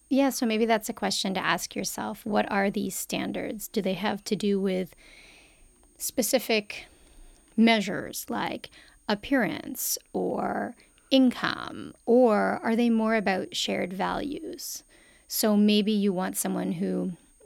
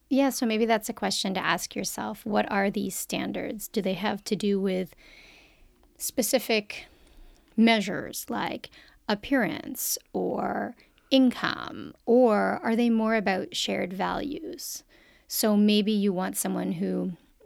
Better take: second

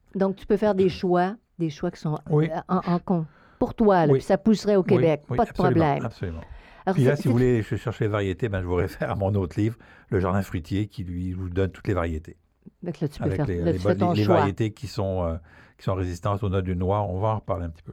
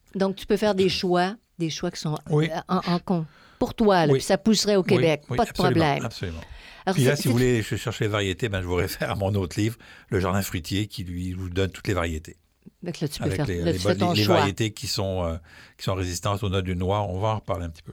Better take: second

